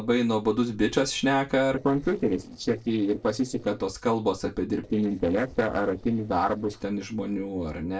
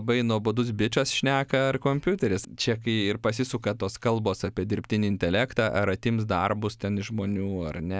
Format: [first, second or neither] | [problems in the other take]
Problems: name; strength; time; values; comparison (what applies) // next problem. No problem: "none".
second | noise reduction (neural separator model SepFormer DNS4)